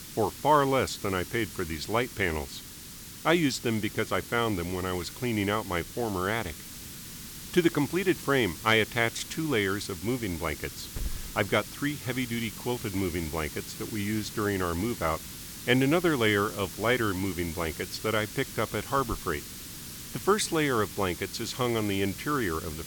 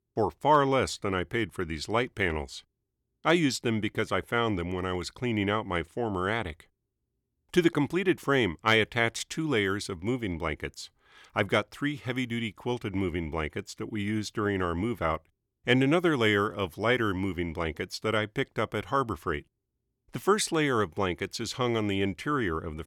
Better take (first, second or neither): second